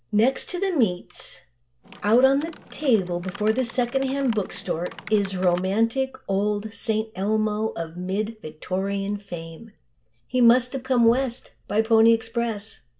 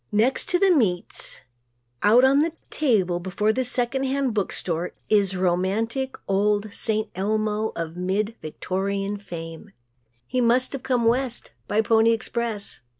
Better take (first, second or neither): second